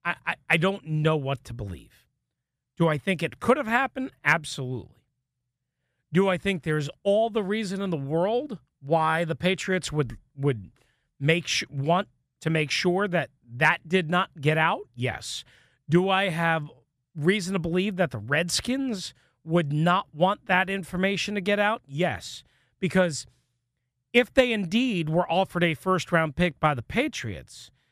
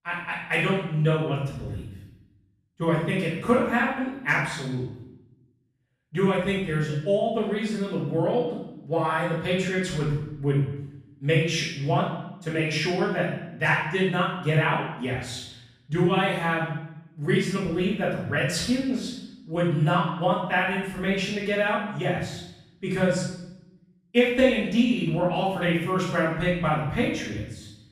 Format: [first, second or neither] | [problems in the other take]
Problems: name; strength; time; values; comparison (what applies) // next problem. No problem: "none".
first | room echo; noticeable; dies away in 0.8 s // off-mic speech; far